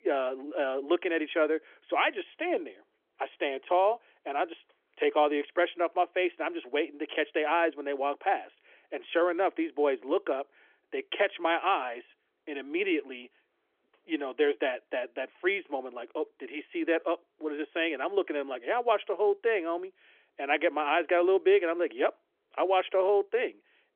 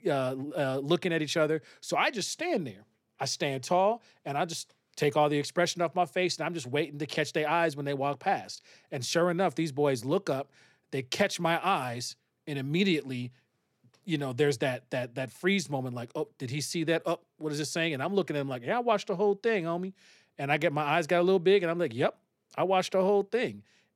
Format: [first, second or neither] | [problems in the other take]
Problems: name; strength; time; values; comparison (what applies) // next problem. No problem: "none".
second | phone-call audio; nothing above 3.5 kHz